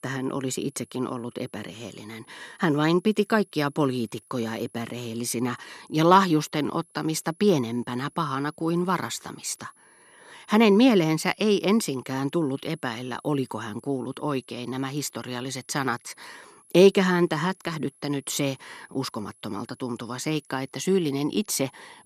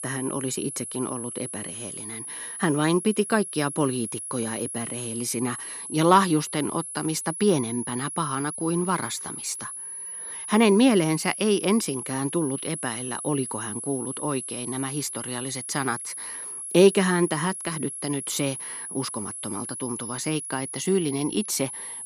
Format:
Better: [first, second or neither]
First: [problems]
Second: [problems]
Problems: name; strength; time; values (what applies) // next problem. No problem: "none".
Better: first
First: high-pitched whine; faint; throughout; 10.5 kHz, 30 dB below the speech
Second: high-pitched whine; loud; throughout; 10.5 kHz, 7 dB below the speech